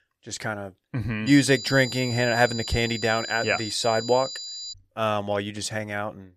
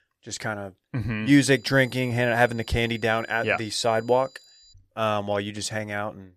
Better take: second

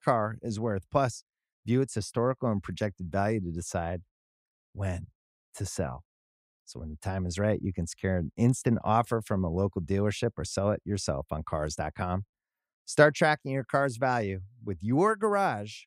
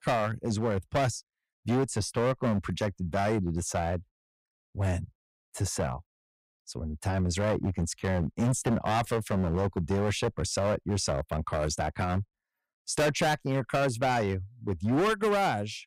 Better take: first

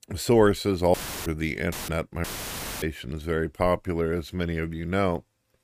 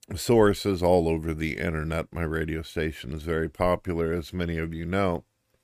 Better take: second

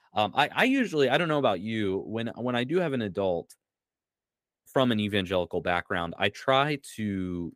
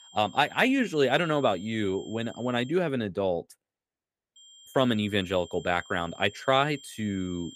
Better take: first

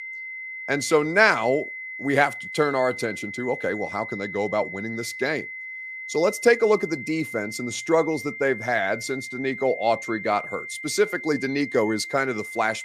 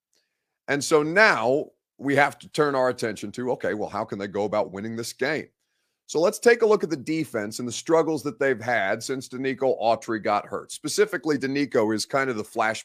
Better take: second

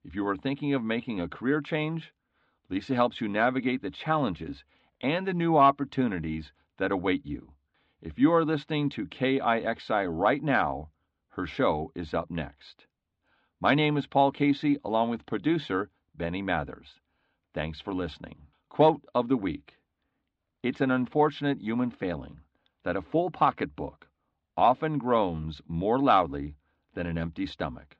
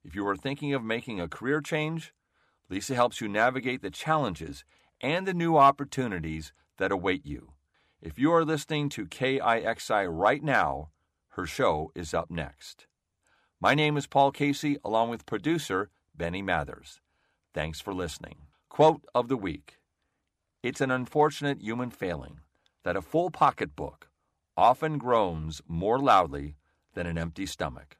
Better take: second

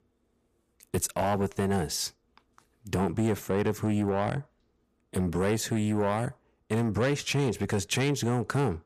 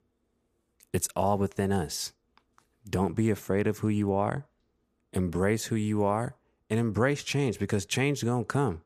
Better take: second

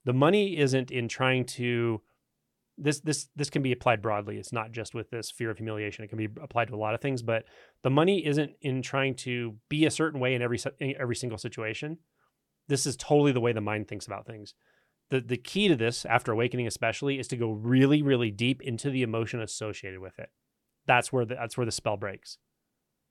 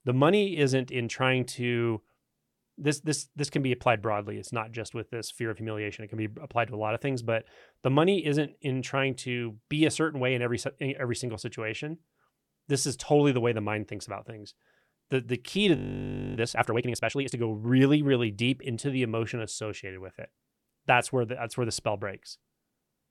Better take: first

